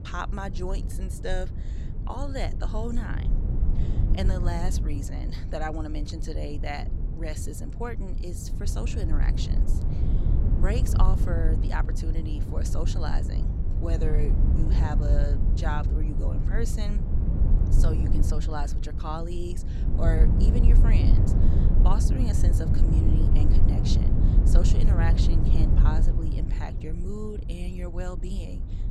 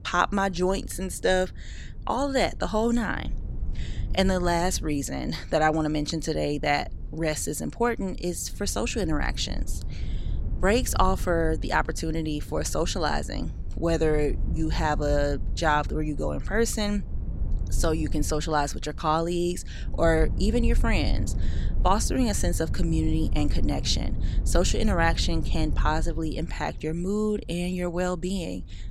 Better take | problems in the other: second | low rumble; loud; throughout; 3 dB below the speech; faint in the second

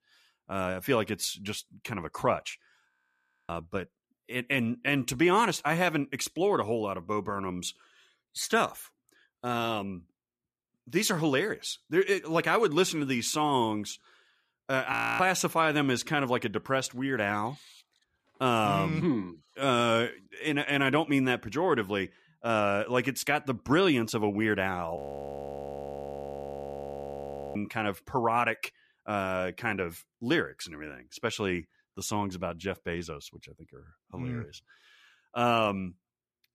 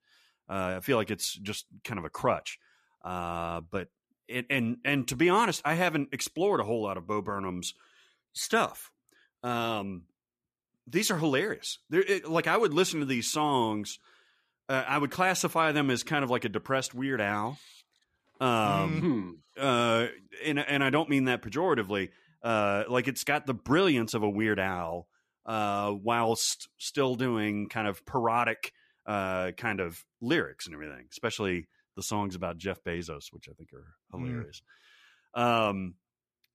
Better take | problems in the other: second | audio freezing; at 3 s for 0.5 s, at 15 s and at 25 s for 2.5 s

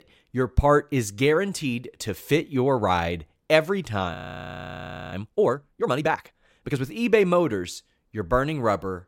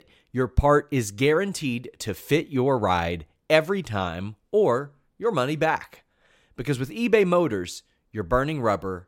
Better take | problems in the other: second | audio freezing; at 4 s for 1 s

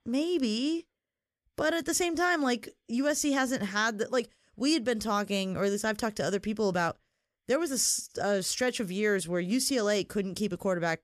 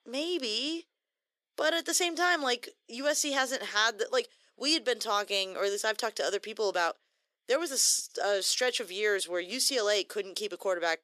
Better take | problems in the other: first | thin; somewhat; fading below 350 Hz

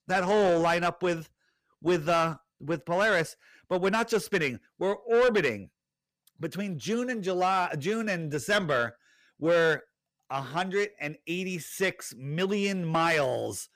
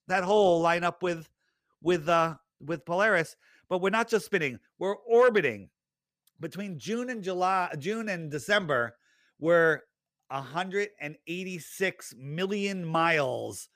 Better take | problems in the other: second | distortion; slight; 10 dB below the speech

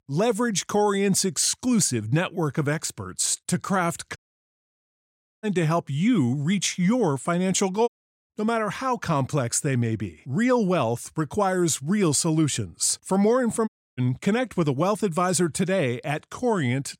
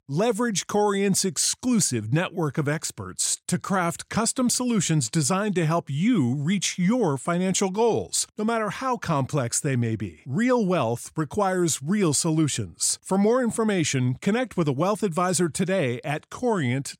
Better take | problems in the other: second | audio cutting out; at 4 s for 1.5 s, at 8 s and at 14 s

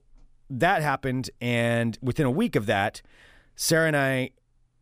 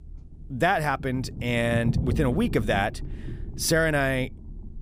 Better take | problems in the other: first | low rumble; noticeable; throughout; 15 dB below the speech

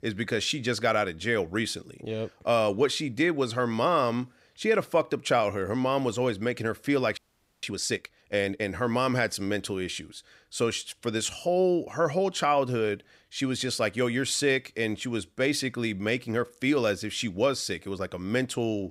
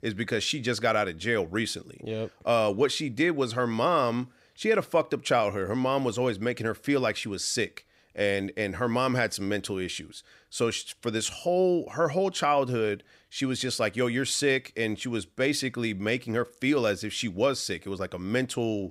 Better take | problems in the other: second | audio freezing; at 7 s

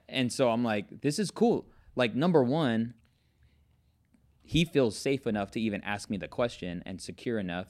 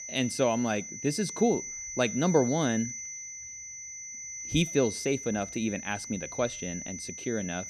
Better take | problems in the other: first | high-pitched whine; loud; throughout; 6 kHz, 8 dB below the speech

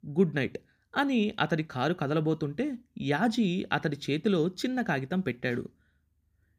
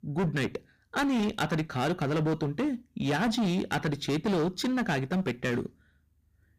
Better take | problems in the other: first | distortion; heavy; 18% of the sound clipped

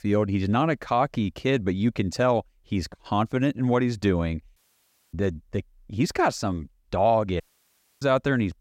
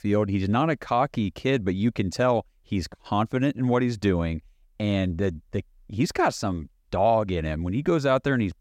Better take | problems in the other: second | audio cutting out; at 4.5 s for 0.5 s and at 7.5 s for 0.5 s

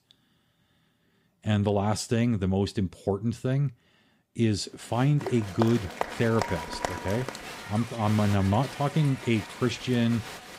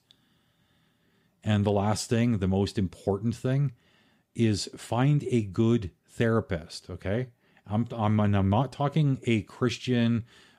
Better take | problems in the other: second | crowd noise; loud; from 5 s on; 10 dB below the speech

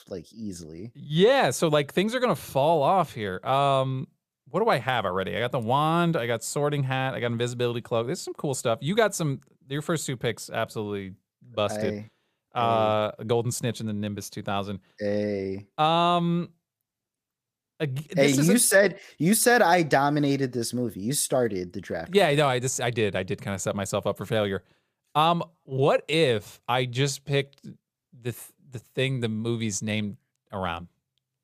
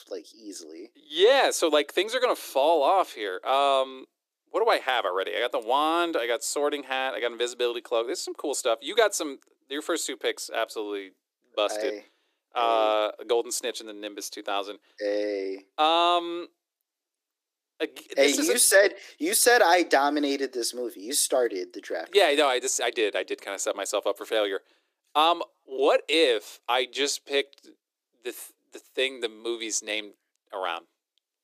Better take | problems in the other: first | thin; somewhat; fading below 300 Hz

